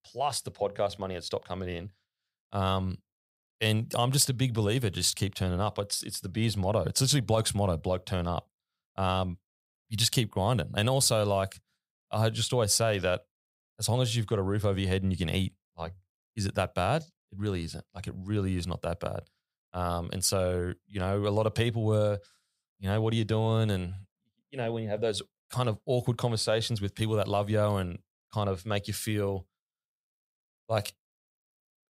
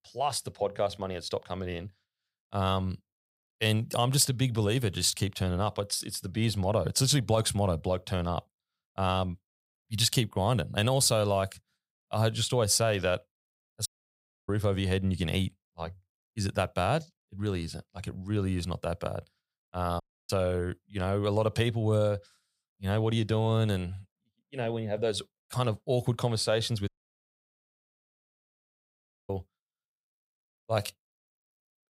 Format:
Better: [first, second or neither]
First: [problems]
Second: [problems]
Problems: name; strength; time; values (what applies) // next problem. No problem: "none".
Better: first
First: none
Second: audio cutting out; at 14 s for 0.5 s, at 20 s and at 27 s for 2.5 s